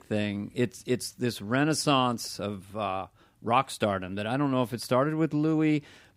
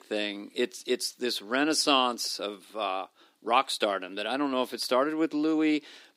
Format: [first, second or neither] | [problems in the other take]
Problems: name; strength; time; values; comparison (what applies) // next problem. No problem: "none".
first | thin; very slightly; fading below 300 Hz